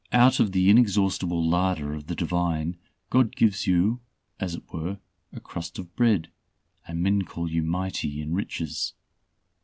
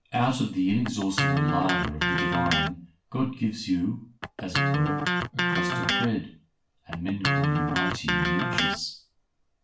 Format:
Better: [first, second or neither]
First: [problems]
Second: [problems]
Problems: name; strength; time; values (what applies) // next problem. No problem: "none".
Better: first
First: none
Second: background sound (Electric guitar); 2 dB above the speech // room echo; dies away in 0.4 s